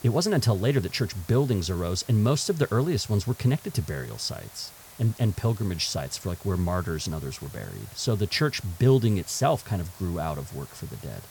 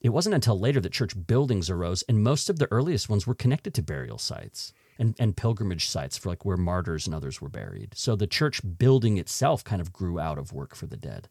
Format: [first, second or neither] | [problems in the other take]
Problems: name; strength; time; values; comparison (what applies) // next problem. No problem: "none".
second | hiss; noticeable; throughout; 20 dB below the speech